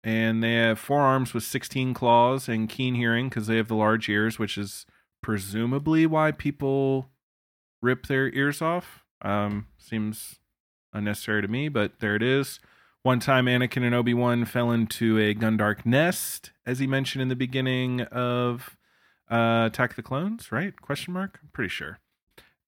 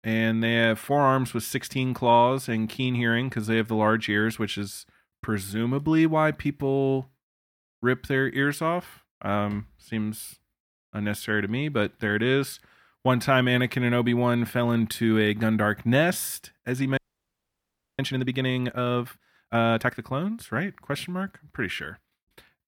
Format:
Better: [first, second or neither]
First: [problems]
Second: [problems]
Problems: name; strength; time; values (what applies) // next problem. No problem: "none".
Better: first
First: none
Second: audio freezing; at 17 s for 1 s